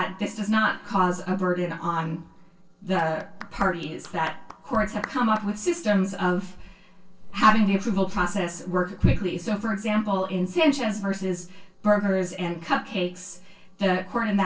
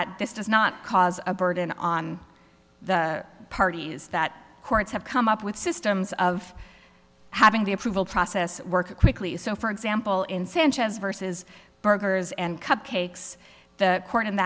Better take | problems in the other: second | noise reduction (neural separator model SepFormer DNS4)

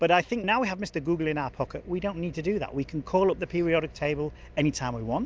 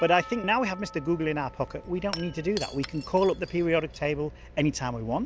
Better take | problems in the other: first | background sound (Percussion + Shatter / Crushing); 17 dB below the speech

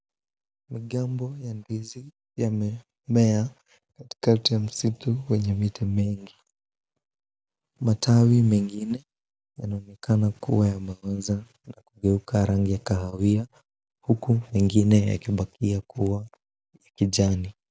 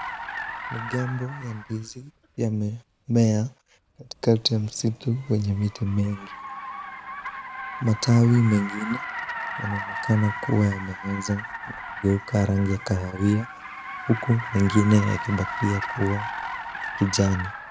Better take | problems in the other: first | background sound (Car); 10 dB below the speech

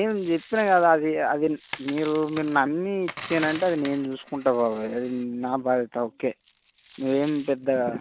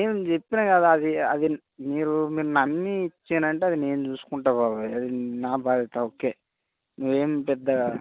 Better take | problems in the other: second | background sound (Coin (dropping)); 19 dB below the speech

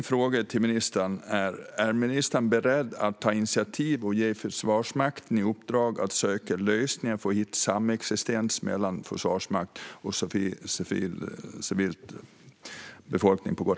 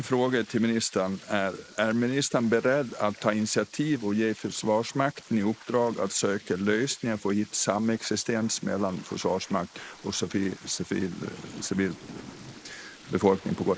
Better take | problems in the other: first | noise reduction (neural mask model Resemble Enhance denoiser)

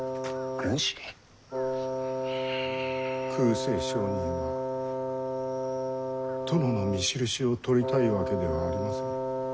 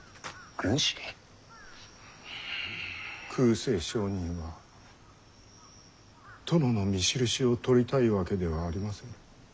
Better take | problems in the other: second | background sound (Wind instrument, woodwind instrument); as loud as the speech

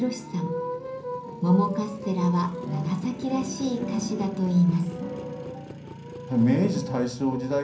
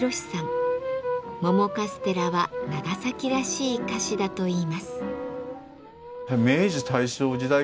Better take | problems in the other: second | background sound (Motorcycle); 17 dB below the speech // room echo; dies away in 0.6 s

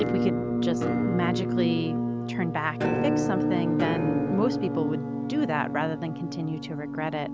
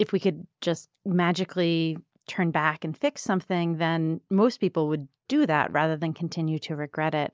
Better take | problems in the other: second | background sound (Musical instrument); 2 dB above the speech

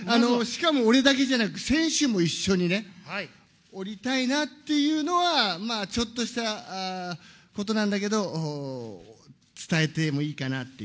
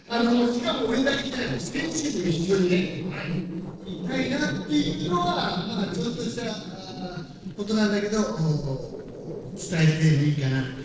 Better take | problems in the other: first | noise reduction (neural separator model SepFormer DNS4)

